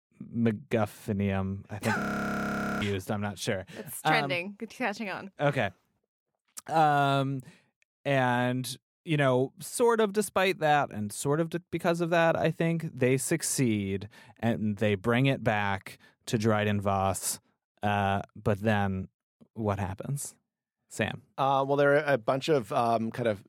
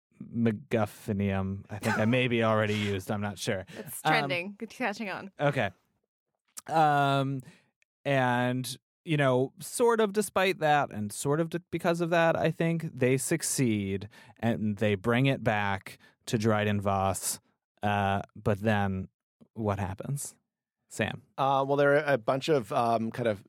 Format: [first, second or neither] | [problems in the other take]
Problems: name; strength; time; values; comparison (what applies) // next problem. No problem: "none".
second | audio freezing; at 2 s for 1 s